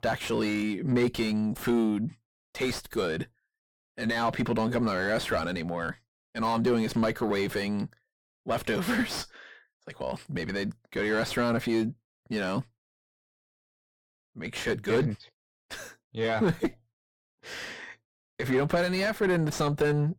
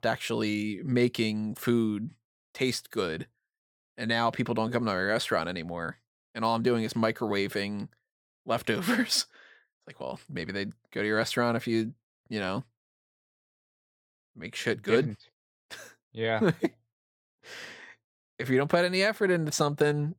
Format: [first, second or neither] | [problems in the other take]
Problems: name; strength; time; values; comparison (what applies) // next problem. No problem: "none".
second | distortion; heavy; 5 dB below the speech